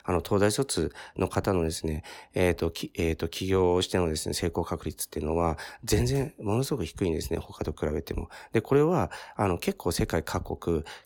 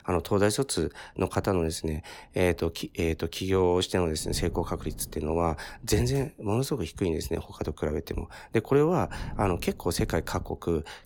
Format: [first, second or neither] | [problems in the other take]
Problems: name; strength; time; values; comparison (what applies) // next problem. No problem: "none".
first | wind noise on the microphone; occasional gusts; 25 dB below the speech